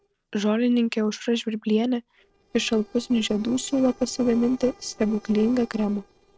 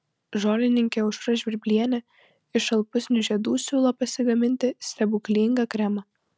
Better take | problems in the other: second | noise reduction (neural separator model SepFormer DNS4)

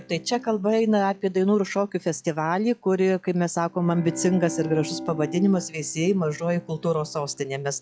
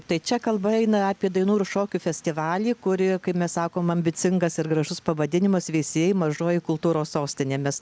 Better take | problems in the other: second | noise reduction (classical method log-MMSE)

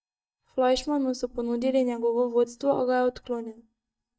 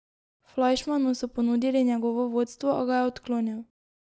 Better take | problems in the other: second | noise reduction (neural mask model DeepFilterNet 3)

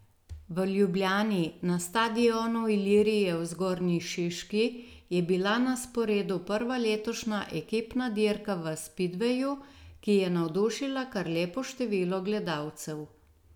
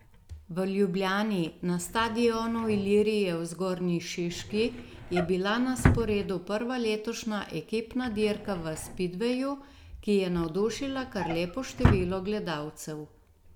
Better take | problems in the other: first | background sound (Drawer open or close); 6 dB below the speech

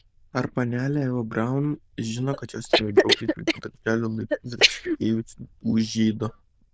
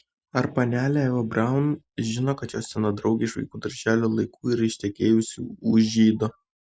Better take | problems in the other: second | noise reduction (neural diffusion model UNIVERSE++)

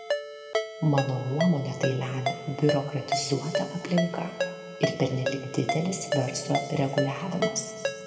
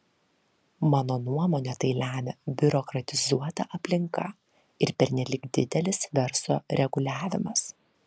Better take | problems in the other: second | background sound (Ringtone); 3 dB below the speech // room echo; dies away in 1.9 s

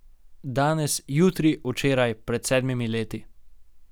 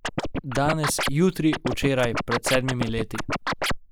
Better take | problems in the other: first | noise reduction (neural mask model Resemble Enhance denoiser)

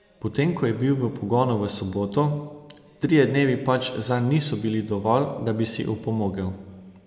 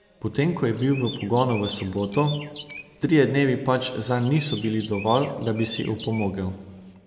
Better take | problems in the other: first | background sound (Chirp, tweet); 17 dB below the speech

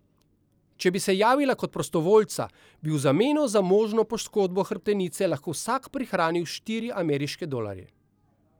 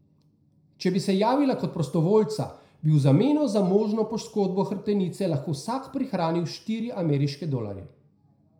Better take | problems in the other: first | room echo; dies away in 0.4 s

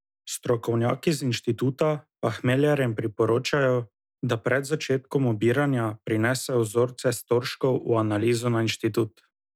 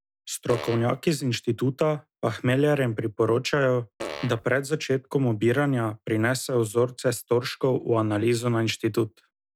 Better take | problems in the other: first | background sound (Fart); 11 dB below the speech

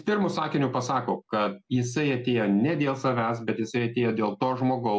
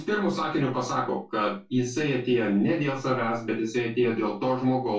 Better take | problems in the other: first | room echo; dies away in 0.2 s

